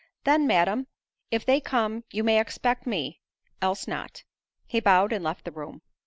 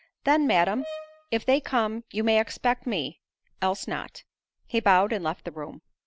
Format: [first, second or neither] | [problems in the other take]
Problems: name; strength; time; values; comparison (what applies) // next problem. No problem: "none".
first | background sound (Brass instrument); 16 dB below the speech